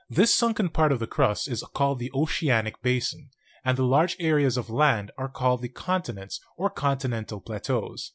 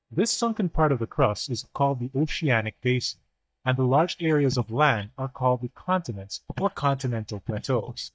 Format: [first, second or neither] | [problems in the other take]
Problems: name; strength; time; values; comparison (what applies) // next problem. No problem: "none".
first | noise reduction (neural mask model DeepFilterNet 3)